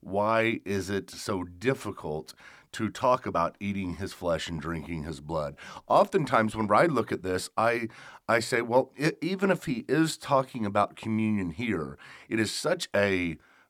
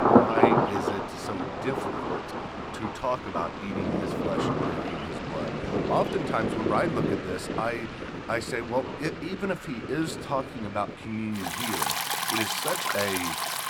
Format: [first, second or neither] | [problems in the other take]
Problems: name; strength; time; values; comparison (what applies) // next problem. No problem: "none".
first | rain or running water; very loud; throughout; 3 dB above the speech